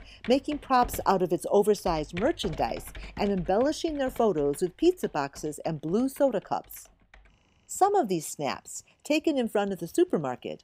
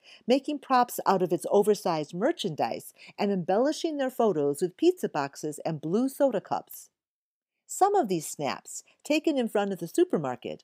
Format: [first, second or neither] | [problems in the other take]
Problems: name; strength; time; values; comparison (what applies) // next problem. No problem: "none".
second | household noises; noticeable; throughout; 20 dB below the speech